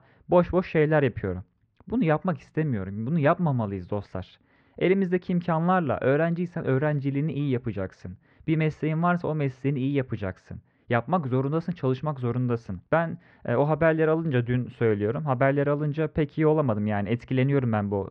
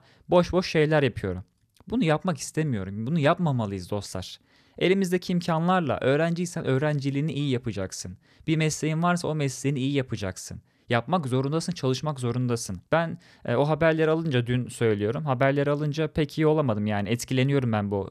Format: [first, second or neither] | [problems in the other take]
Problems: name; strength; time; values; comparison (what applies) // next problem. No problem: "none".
second | muffled; very; fading above 2 kHz